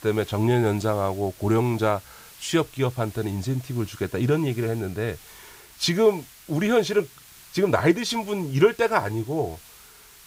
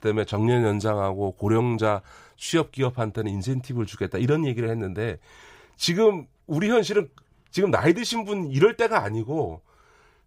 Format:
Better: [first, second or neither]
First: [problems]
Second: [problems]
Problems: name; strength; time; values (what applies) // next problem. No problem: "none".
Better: second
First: hiss; faint; throughout; 20 dB below the speech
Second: none